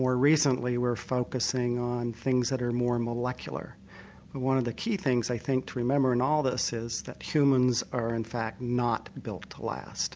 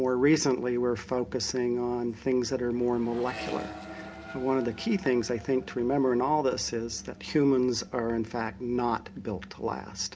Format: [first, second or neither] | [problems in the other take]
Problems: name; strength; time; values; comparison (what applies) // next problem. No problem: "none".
first | background sound (Accelerating, revving, vroom); 19 dB below the speech // room echo; dies away in 0.3 s